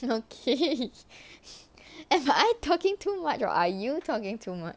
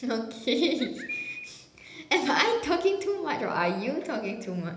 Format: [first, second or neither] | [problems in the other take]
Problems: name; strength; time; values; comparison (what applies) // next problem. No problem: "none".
first | background sound (Bird); 9 dB below the speech // room echo; dies away in 1 s